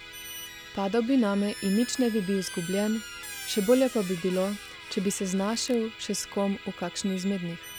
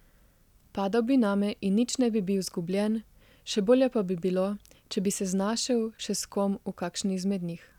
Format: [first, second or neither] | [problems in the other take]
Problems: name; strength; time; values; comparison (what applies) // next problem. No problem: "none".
second | background sound (Musical instrument + Squeak); 13 dB below the speech